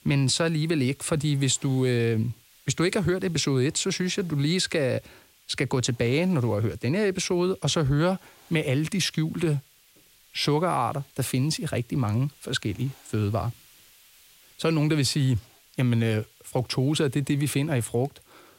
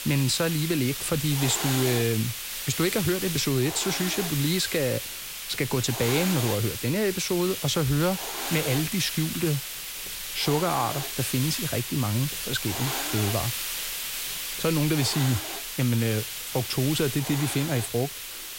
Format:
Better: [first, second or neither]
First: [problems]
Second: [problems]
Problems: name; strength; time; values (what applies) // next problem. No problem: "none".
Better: first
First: hiss; faint; throughout; 30 dB below the speech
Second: hiss; loud; throughout; 4 dB below the speech